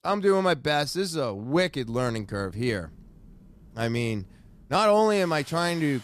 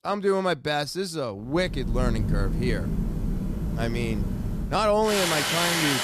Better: first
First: rain or running water; faint; from 1.5 s on; 25 dB below the speech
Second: rain or running water; loud; from 1.5 s on; 1 dB below the speech

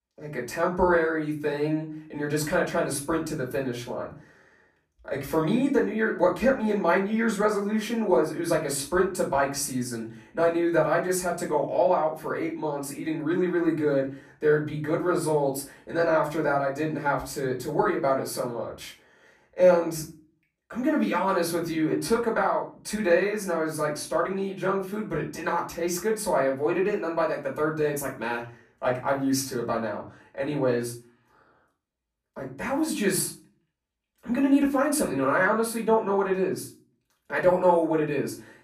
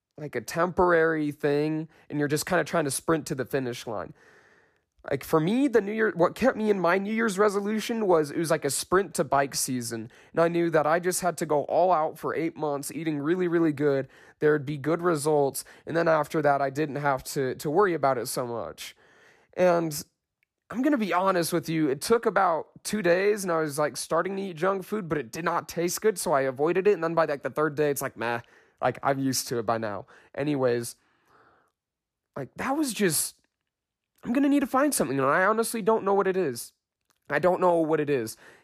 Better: second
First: room echo; slight; dies away in 0.3 s // off-mic speech; far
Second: none

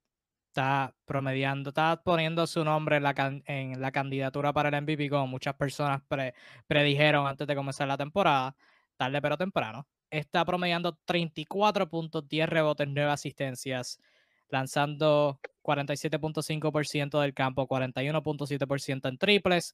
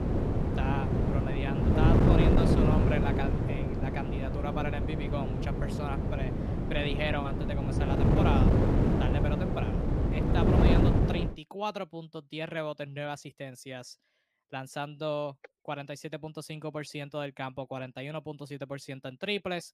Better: first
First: none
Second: wind noise on the microphone; heavy; until 11 s; 3 dB above the speech

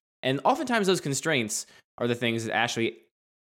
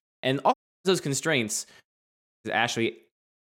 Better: first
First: none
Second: audio cutting out; at 0.5 s and at 2 s for 0.5 s

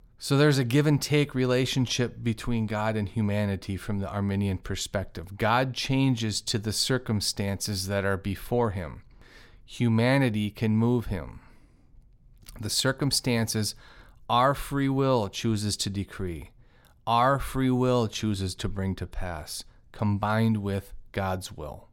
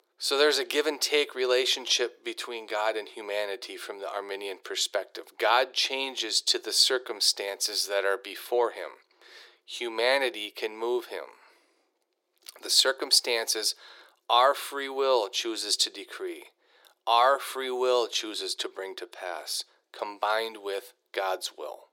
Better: first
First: none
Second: thin; very; fading below 350 Hz

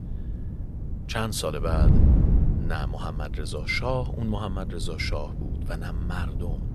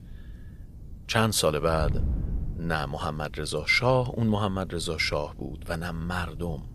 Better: second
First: wind noise on the microphone; heavy; 8 dB below the speech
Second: wind noise on the microphone; occasional gusts; 25 dB below the speech

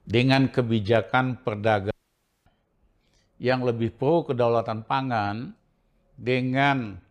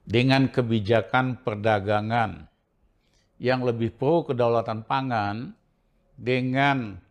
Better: second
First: audio cutting out; at 2 s for 0.5 s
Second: none

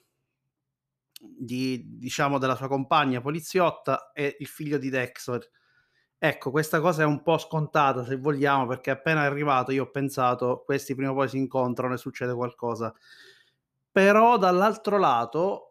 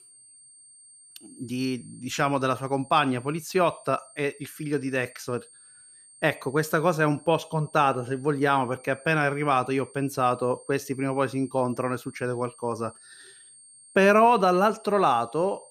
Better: first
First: none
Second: high-pitched whine; faint; throughout; 8.5 kHz, 25 dB below the speech

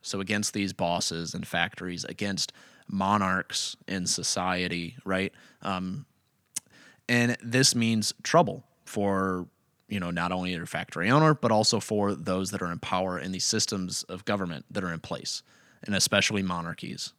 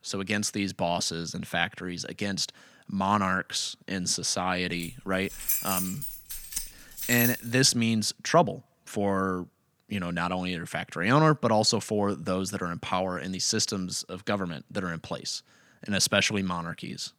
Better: first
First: none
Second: jangling keys; loud; from 5 to 7.5 s; peak 2 dB above the speech

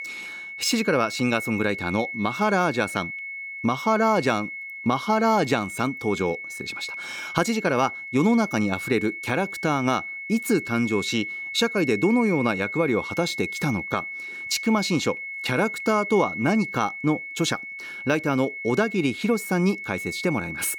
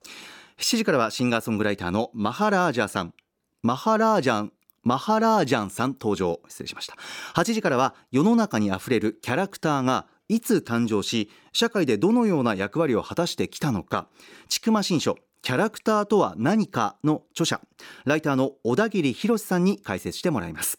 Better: second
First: high-pitched whine; loud; throughout; 2 kHz, 8 dB below the speech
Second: none

